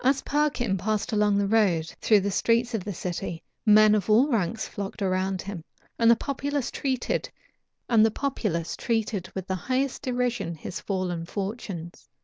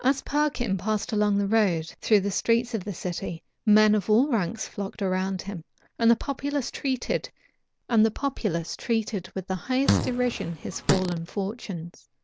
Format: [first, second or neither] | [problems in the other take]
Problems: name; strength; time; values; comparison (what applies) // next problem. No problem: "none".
first | background sound (Fart); 2 dB below the speech